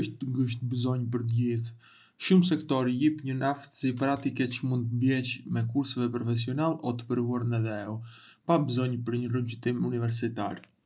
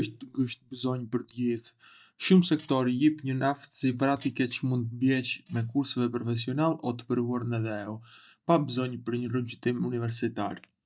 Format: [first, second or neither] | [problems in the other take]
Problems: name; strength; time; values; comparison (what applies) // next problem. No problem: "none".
first | noise reduction (neural mask model DeepFilterNet 3)